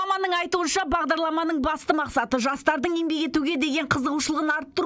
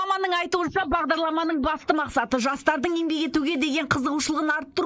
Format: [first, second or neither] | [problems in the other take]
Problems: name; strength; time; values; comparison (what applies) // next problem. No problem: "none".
first | noise reduction (neural mask model Resemble Enhance denoiser)